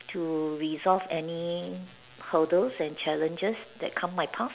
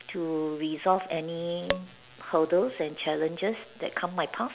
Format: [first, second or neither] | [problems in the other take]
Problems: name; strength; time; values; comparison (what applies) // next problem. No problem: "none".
first | background sound (Tap / Glass); 3 dB below the speech